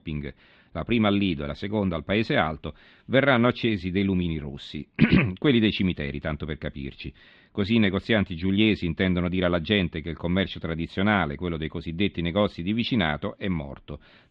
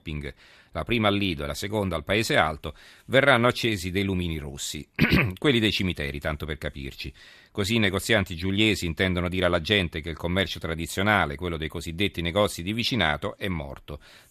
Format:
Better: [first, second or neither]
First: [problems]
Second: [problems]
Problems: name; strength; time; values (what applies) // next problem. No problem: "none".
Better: second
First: muffled; slightly; fading above 3.5 kHz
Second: none